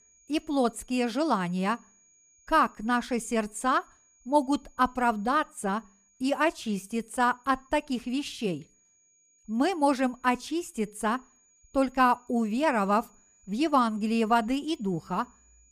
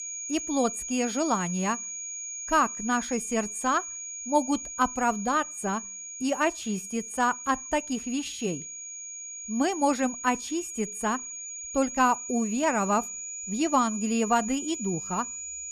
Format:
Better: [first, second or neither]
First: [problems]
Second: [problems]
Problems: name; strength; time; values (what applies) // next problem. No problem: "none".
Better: first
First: high-pitched whine; faint; throughout; 6.5 kHz, 35 dB below the speech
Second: high-pitched whine; loud; throughout; 6.5 kHz, 7 dB below the speech